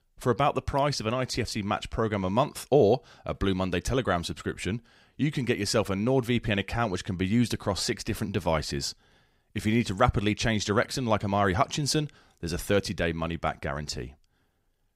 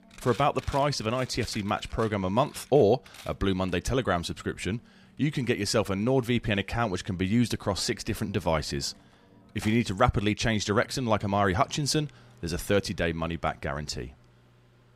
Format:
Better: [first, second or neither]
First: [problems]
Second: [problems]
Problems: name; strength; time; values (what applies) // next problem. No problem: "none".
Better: first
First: none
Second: household noises; faint; throughout; 25 dB below the speech